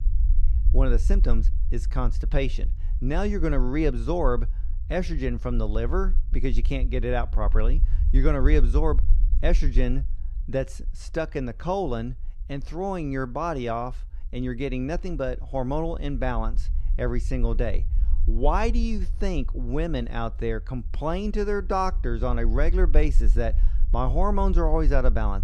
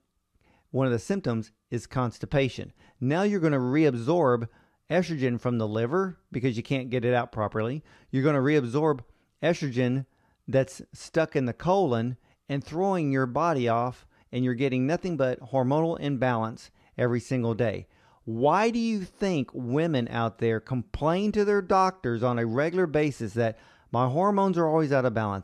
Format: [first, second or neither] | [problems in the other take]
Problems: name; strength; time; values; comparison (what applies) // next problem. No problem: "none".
second | low rumble; faint; throughout; 20 dB below the speech